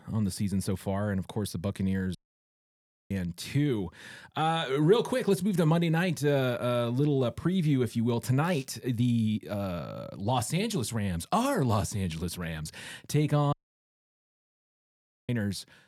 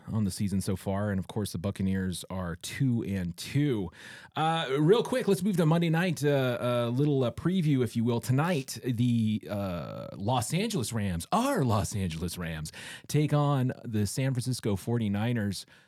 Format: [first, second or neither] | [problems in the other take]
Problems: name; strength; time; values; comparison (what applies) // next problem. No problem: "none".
second | audio cutting out; at 2 s for 1 s and at 14 s for 2 s